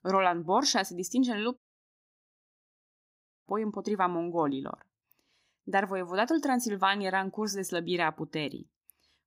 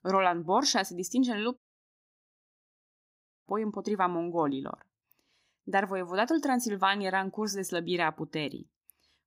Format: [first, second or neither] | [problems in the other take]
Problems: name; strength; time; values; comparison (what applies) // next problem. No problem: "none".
neither | audio cutting out; at 1.5 s for 2 s; the same in both